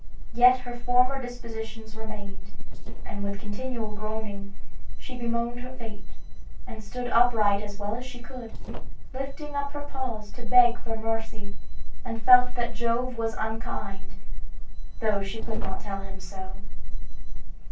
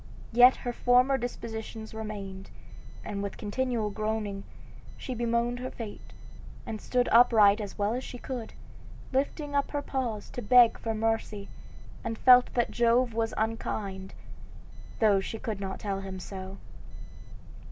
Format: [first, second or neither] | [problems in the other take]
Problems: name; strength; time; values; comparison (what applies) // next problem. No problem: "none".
second | noise reduction (neural separator model SepFormer DNS4)